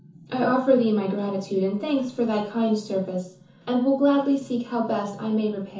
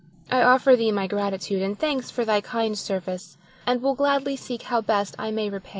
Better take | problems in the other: second | room echo; dies away in 0.9 s

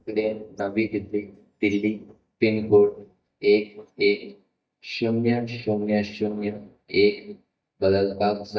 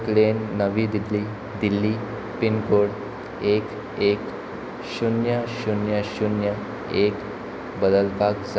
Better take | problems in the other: second | noise reduction (neural mask model DeepFilterNet 3)

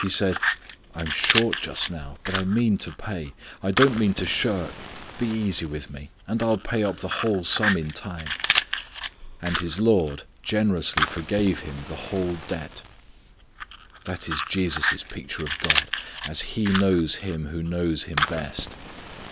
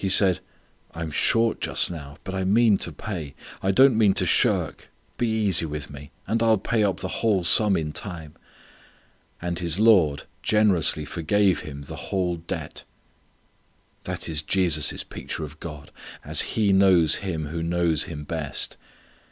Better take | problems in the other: second | background sound (Fire); 4 dB below the speech

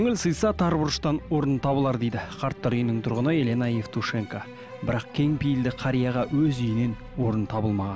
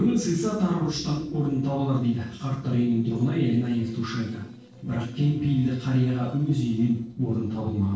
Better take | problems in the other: first | noise reduction (neural separator model SepFormer DNS4)

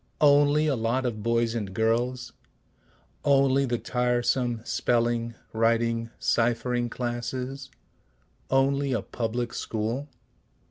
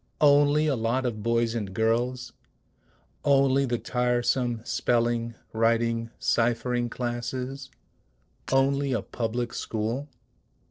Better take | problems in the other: first | noise reduction (neural separator model SepFormer DNS4)

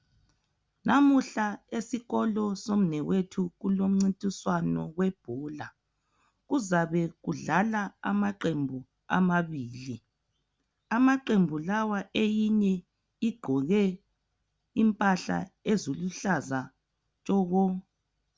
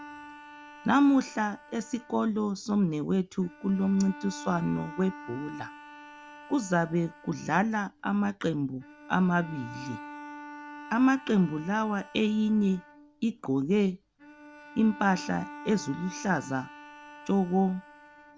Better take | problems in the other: first | background sound (Bowed string instrument); 17 dB below the speech

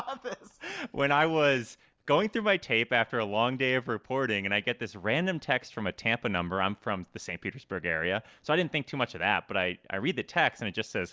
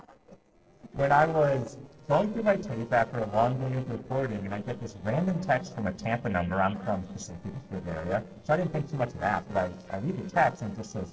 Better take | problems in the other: first | noise reduction (neural separator model SepFormer DNS4)

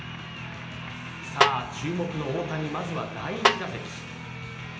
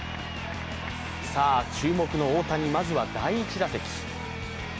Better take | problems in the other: second | background sound (Snare drum); 4 dB above the speech // room echo; dies away in 0.9 s

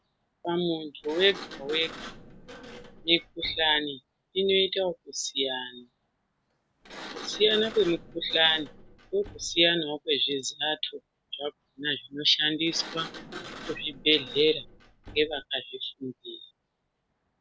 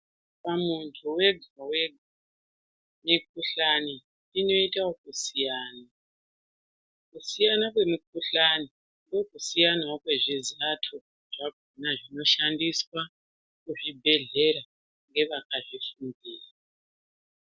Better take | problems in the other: second | background sound (Sliding door); 17 dB below the speech

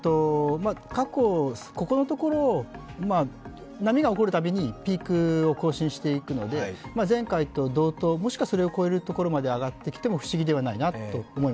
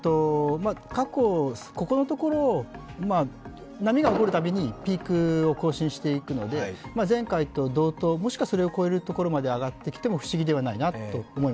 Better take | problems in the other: first | background sound (Fireworks); 11 dB below the speech

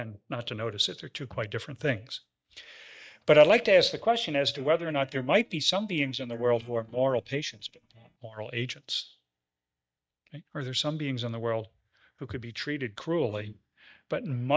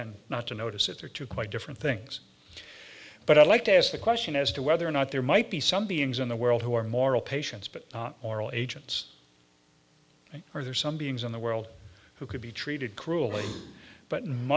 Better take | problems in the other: second | noise reduction (neural mask model DeepFilterNet 3)

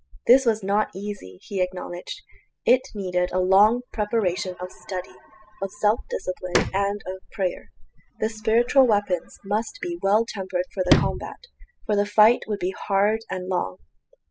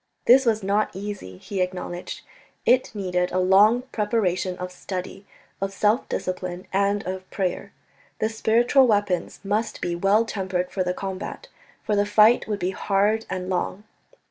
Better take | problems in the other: second | noise reduction (classical method spectral subtraction)

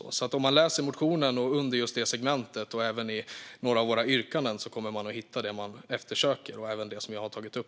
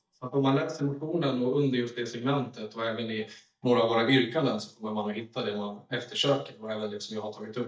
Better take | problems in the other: first | noise reduction (neural mask model DeepFilterNet 3)

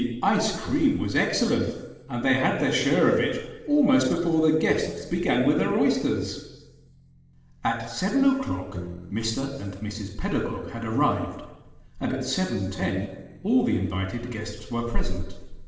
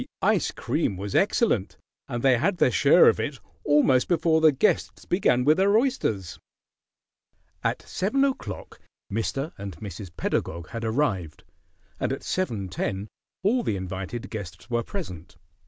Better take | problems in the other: second | noise reduction (neural separator model SepFormer DNS4)

